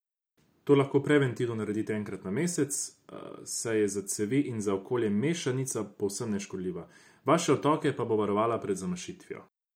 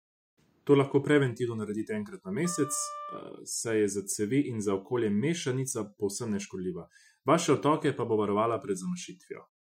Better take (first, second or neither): first